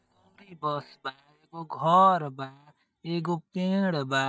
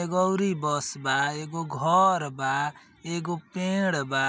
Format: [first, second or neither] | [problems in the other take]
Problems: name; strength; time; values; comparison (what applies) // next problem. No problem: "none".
second | noise reduction (neural mask model DeepFilterNet 3)